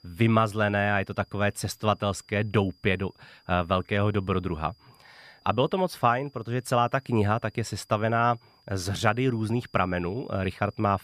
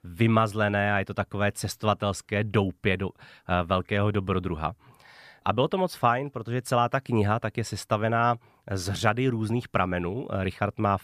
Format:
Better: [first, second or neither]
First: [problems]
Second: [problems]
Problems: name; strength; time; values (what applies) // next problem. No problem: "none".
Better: second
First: high-pitched whine; faint; throughout; 5 kHz, 35 dB below the speech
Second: none